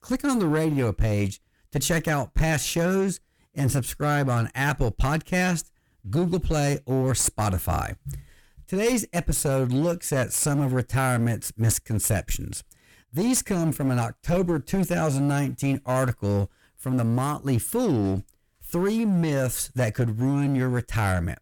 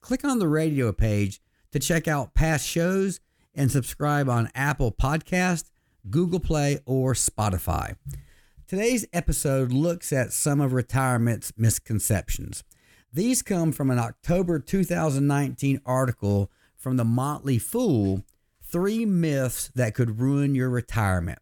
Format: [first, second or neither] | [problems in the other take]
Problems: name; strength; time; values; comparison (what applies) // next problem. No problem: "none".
second | distortion; slight; 9% of the sound clipped